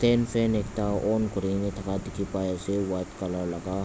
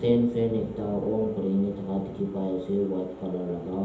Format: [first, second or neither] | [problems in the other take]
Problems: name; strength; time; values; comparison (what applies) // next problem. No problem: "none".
first | room echo; dies away in 0.8 s